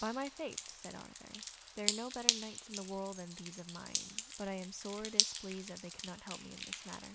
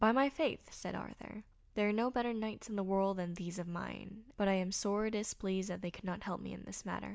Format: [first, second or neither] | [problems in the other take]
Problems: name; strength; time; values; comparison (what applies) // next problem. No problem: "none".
second | background sound (Drip); 4 dB above the speech